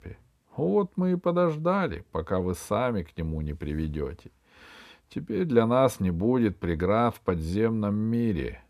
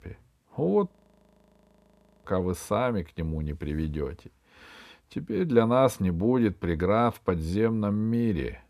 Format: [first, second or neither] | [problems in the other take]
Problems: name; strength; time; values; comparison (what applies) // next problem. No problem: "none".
first | audio freezing; at 1 s for 1.5 s